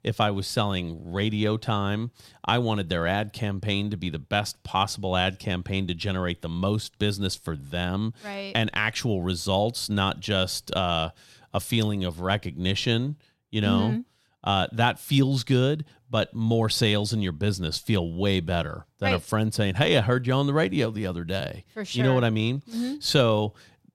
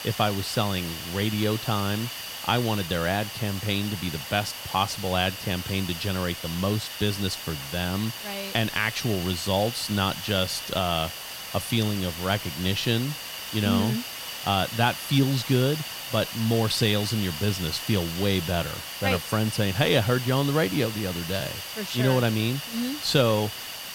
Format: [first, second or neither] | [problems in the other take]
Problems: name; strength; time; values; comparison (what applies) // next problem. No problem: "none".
first | hiss; loud; throughout; 7 dB below the speech